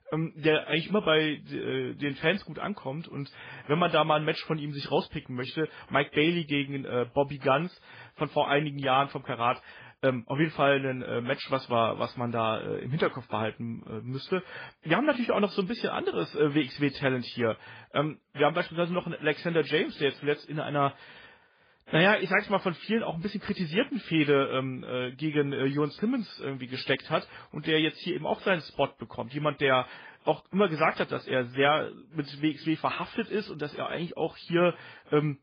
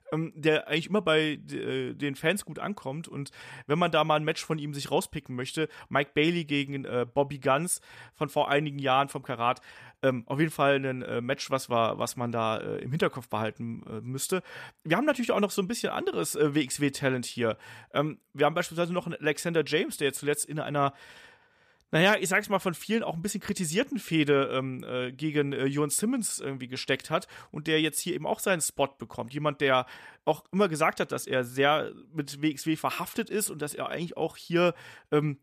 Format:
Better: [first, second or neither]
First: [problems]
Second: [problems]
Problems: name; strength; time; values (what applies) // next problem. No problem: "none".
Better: second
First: garbled, watery; badly; nothing above 5 kHz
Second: none